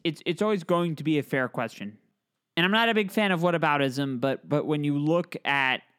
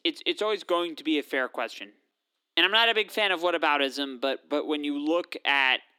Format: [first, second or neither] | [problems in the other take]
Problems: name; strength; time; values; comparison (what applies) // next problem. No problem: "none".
first | thin; somewhat; fading below 300 Hz